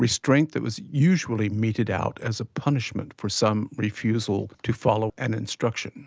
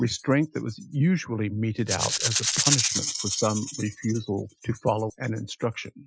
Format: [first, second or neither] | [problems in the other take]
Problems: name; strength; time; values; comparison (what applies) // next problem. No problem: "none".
first | noise reduction (classical method Wiener filter)